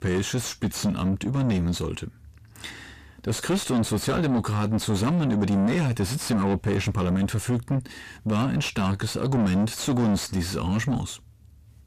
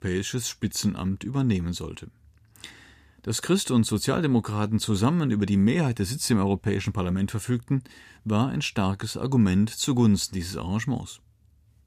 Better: second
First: distortion; heavy; 6 dB below the speech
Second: none

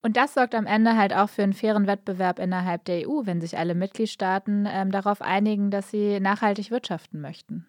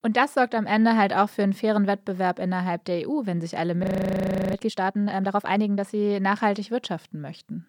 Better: first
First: none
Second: audio freezing; at 4 s for 0.5 s

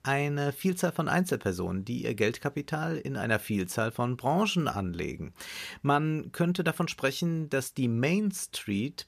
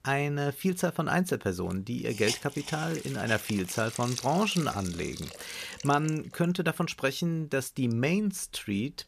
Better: first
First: none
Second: hiss; loud; throughout; 9 dB below the speech

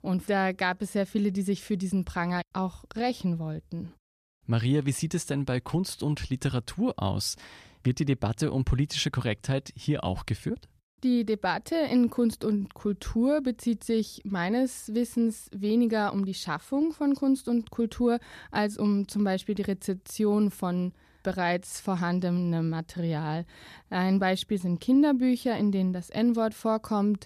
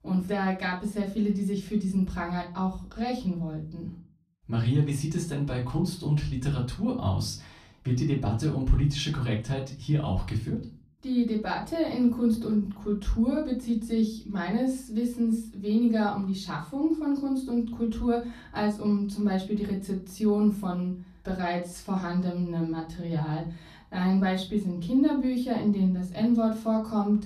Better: first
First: none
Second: room echo; slight; dies away in 0.3 s // off-mic speech; far

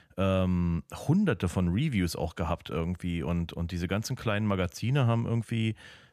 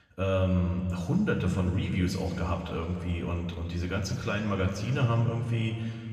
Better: first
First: none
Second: room echo; noticeable; dies away in 2.3 s // off-mic speech; far

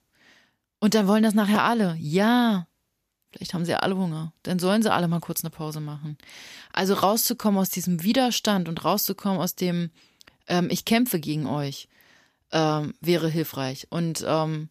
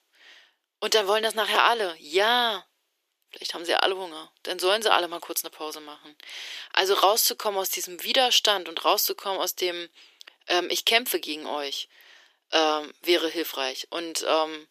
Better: first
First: none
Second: thin; very; fading below 350 Hz

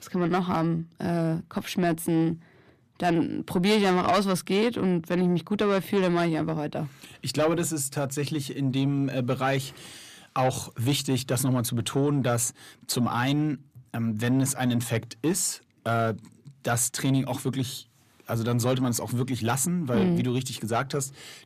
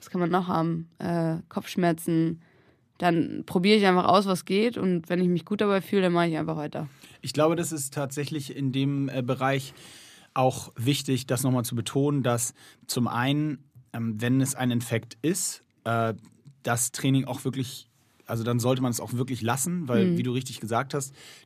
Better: second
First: distortion; slight; 10 dB below the speech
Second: none

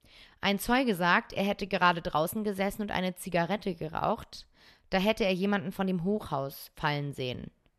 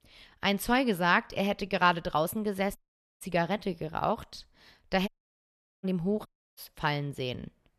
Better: first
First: none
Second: audio cutting out; at 3 s, at 5 s for 1 s and at 6.5 s

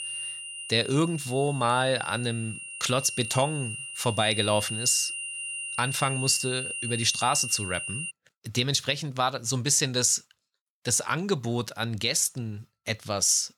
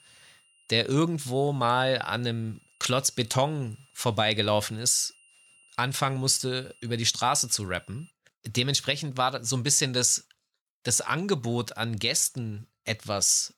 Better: second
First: high-pitched whine; loud; until 8 s; 3 kHz, 7 dB below the speech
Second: high-pitched whine; faint; until 8 s; 3 kHz, 30 dB below the speech

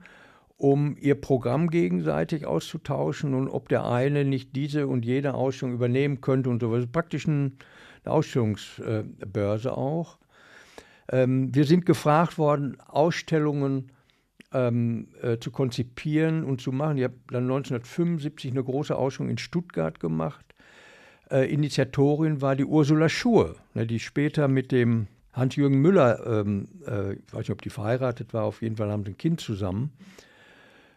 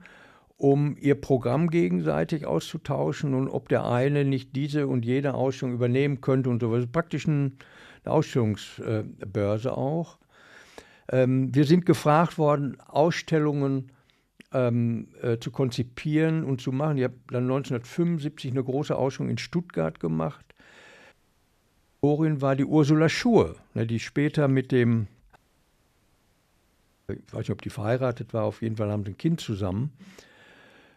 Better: first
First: none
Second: audio cutting out; at 21 s for 1 s and at 25 s for 1.5 s

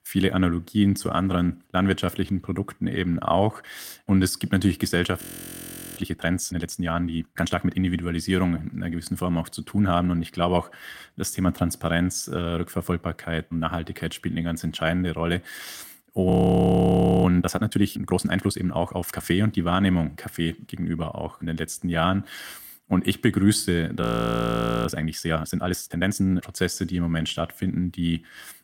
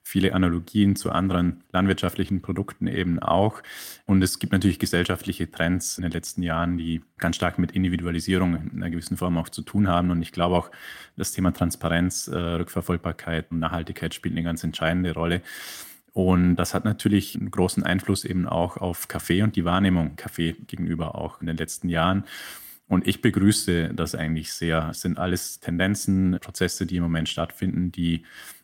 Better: second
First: audio freezing; at 5 s for 1 s, at 16 s for 1 s and at 24 s for 1 s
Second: none

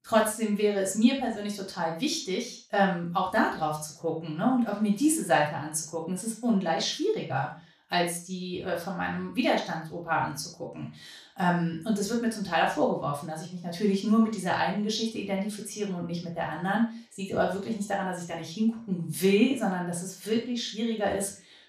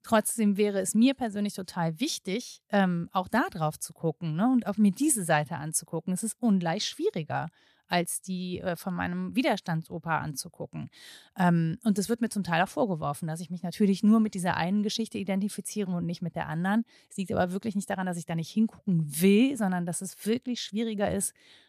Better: second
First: room echo; noticeable; dies away in 0.3 s // off-mic speech; far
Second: none

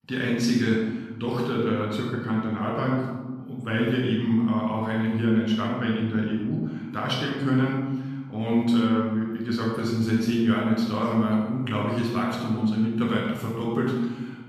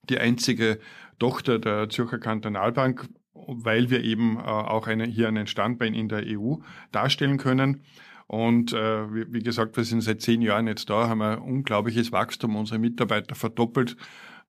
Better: second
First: off-mic speech; far // room echo; noticeable; dies away in 1.2 s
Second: none

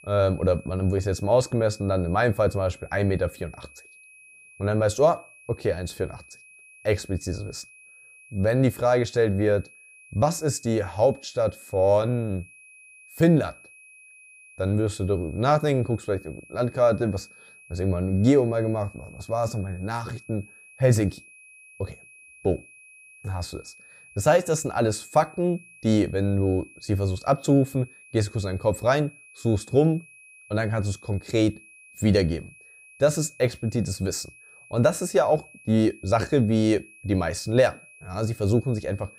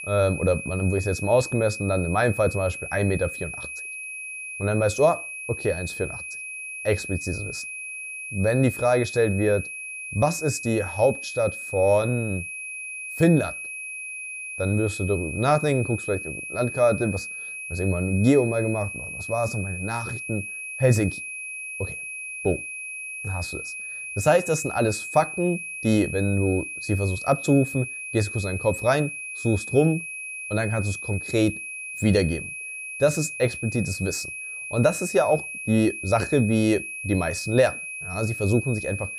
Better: first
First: high-pitched whine; faint; throughout; 2.5 kHz, 25 dB below the speech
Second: high-pitched whine; loud; throughout; 2.5 kHz, 8 dB below the speech

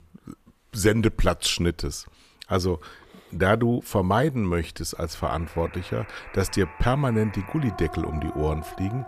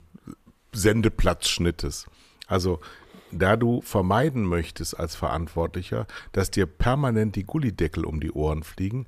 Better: second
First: alarms or sirens; noticeable; from 5.5 s on; 15 dB below the speech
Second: none

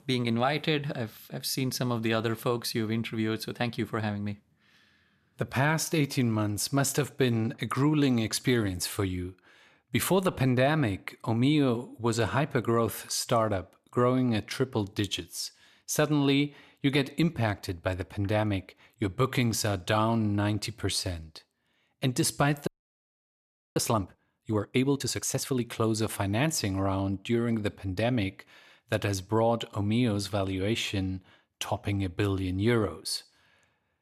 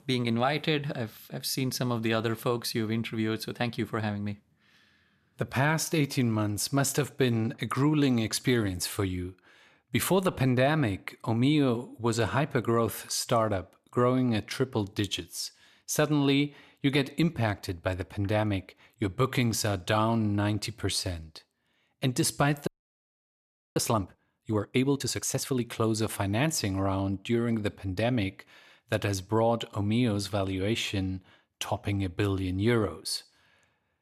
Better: neither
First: audio freezing; at 23 s for 1 s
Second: audio freezing; at 23 s for 1 s

